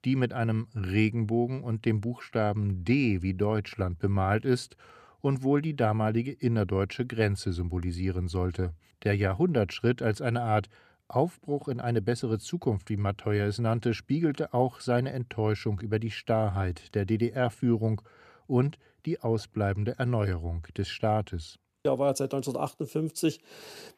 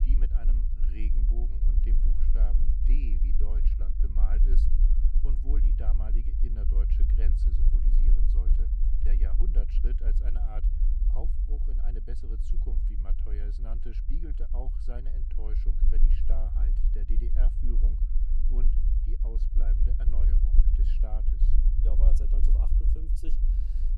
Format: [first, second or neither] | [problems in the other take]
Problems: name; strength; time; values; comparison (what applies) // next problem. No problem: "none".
first | low rumble; loud; throughout; 1 dB below the speech